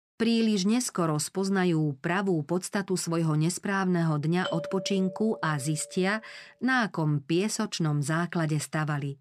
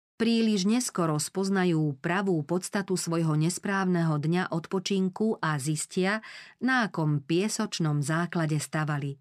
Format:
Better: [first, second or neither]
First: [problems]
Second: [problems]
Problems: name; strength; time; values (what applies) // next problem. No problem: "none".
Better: second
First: doorbell; noticeable; from 4.5 to 6 s; peak 8 dB below the speech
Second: none